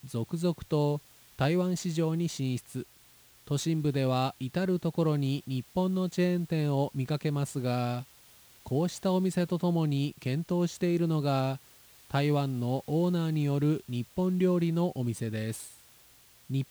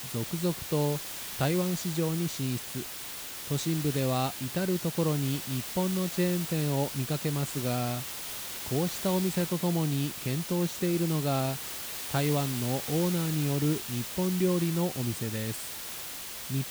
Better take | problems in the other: first | hiss; loud; throughout; 5 dB below the speech; faint in the first

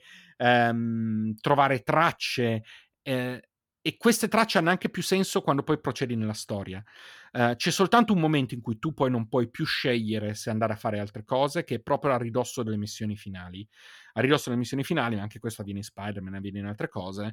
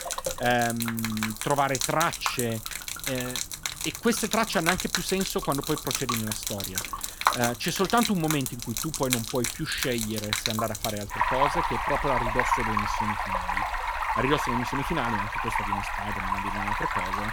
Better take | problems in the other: first | rain or running water; very loud; throughout; as loud as the speech

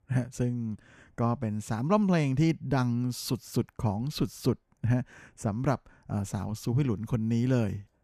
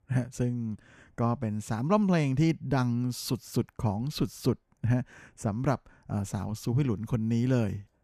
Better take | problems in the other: neither | none

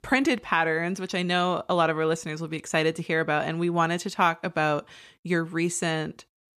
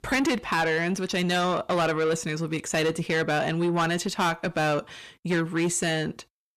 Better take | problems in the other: first | distortion; heavy; 8 dB below the speech

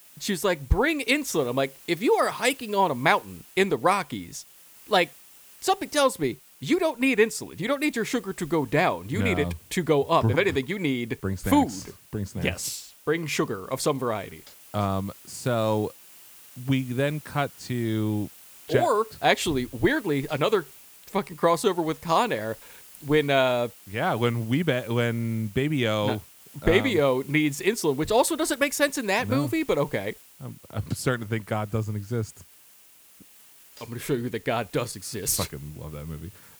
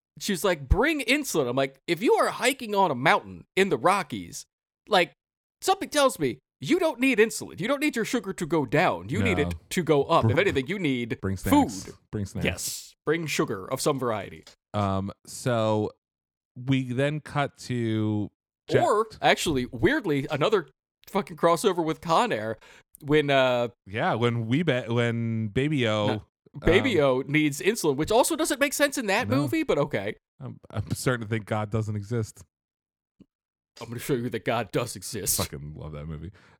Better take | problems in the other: second | hiss; faint; throughout; 20 dB below the speech

